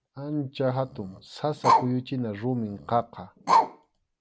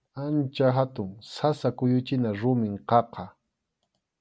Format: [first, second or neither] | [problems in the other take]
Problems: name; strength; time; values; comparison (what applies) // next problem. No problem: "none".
second | background sound (Bark); 2 dB above the speech